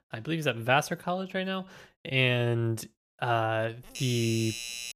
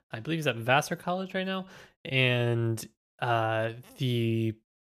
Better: second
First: doorbell; noticeable; from 4 s on; peak 6 dB below the speech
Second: none

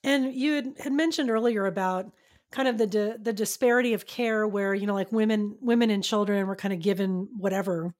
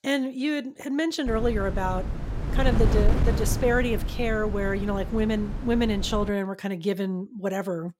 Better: first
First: none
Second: wind noise on the microphone; heavy; from 1.5 to 6.5 s; 10 dB below the speech

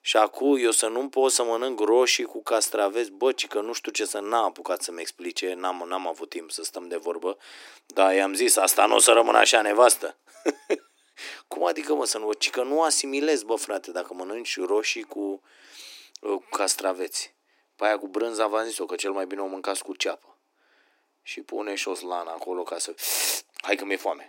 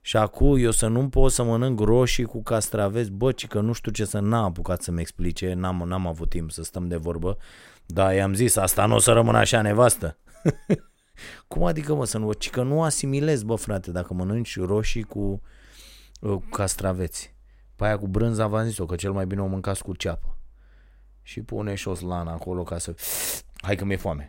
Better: second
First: thin; somewhat; fading below 300 Hz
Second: none

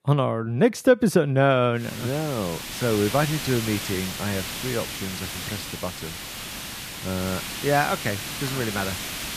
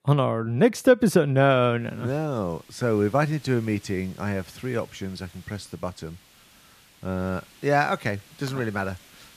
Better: second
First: hiss; loud; from 2 s on; 6 dB below the speech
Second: hiss; faint; from 2 s on; 25 dB below the speech

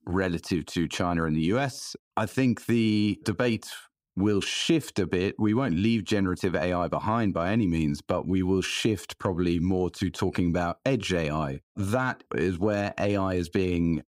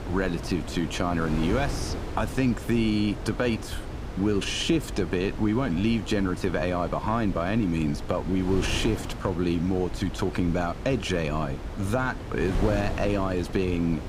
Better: first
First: none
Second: wind noise on the microphone; occasional gusts; 10 dB below the speech

